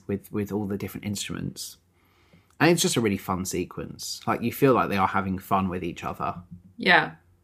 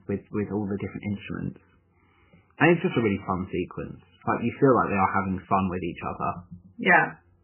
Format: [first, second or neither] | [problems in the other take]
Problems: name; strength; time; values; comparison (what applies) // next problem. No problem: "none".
first | garbled, watery; badly; nothing above 3 kHz